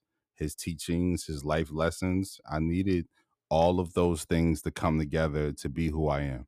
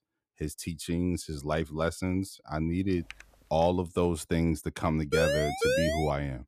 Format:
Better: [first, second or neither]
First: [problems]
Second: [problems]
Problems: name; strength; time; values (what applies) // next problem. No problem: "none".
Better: first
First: none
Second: keyboard typing; faint; at 3 s; peak 20 dB below the speech // siren; loud; at 5 s; peak 3 dB above the speech